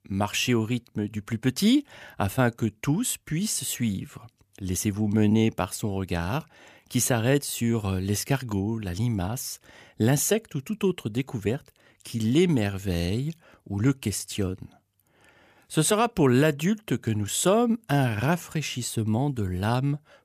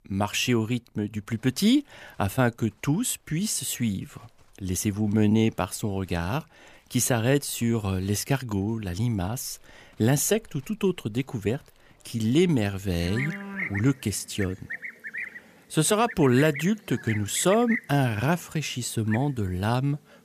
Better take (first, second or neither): first